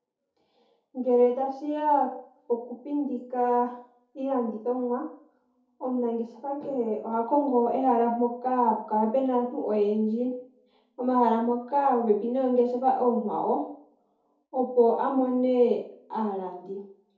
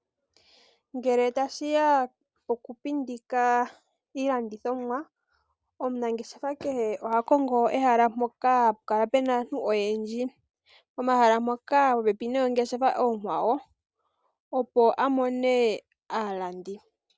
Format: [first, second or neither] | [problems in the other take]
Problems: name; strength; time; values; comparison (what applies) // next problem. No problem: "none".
second | room echo; dies away in 0.5 s